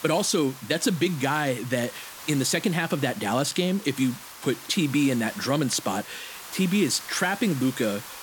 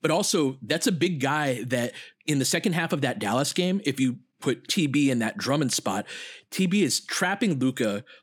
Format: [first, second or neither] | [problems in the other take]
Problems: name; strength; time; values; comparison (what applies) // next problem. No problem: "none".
second | hiss; noticeable; throughout; 15 dB below the speech